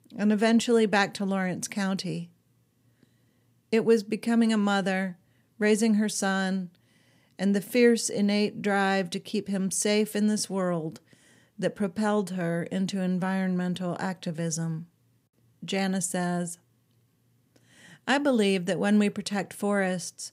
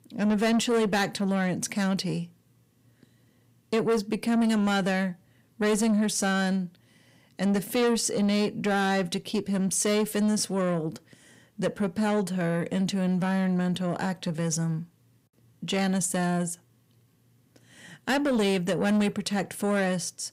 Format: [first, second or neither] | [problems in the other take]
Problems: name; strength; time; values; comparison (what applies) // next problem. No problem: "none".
first | distortion; slight; 10 dB below the speech